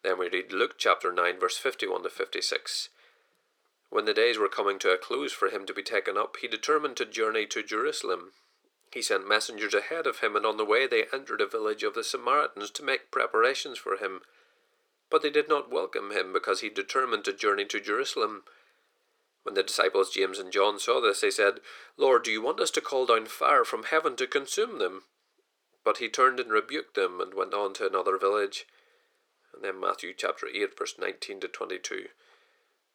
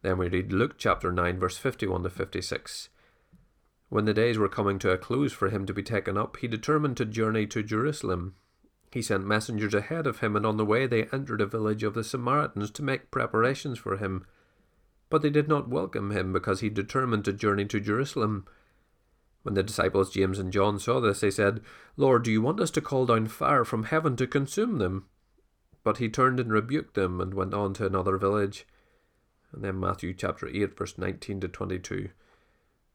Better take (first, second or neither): second